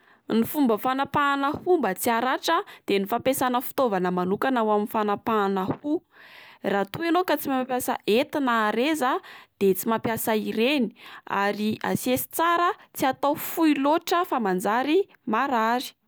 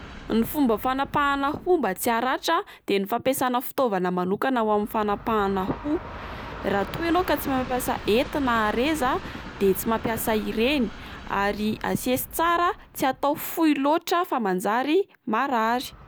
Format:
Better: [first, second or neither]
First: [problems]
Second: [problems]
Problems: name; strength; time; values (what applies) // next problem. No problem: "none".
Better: first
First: none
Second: background sound (Train); 16 dB below the speech